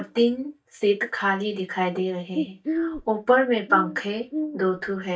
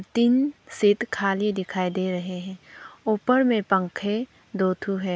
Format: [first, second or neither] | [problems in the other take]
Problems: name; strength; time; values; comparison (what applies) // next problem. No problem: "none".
second | noise reduction (neural mask model DeepFilterNet 3)